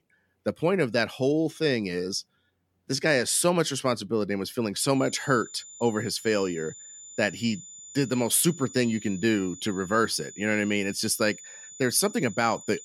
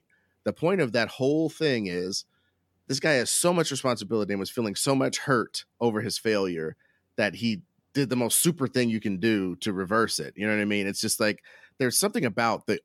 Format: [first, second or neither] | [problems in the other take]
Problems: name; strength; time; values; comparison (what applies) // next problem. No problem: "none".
second | high-pitched whine; noticeable; from 5 s on; 7 kHz, 15 dB below the speech